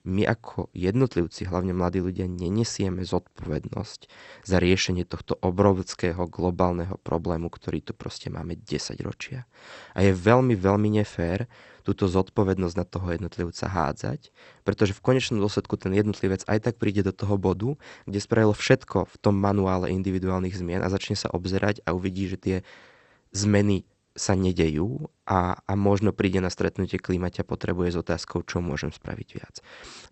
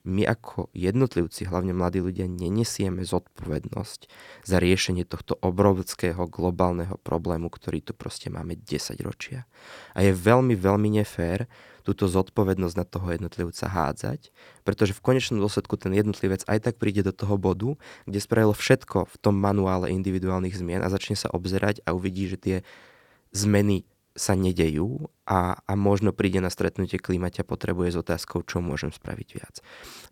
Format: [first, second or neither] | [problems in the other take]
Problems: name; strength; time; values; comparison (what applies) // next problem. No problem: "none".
second | garbled, watery; slightly; nothing above 8 kHz